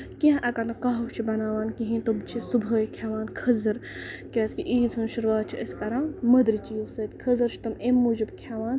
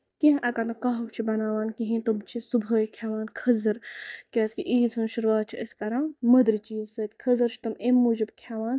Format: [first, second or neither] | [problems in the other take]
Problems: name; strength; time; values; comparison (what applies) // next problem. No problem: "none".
first | noise reduction (neural mask model DeepFilterNet 3)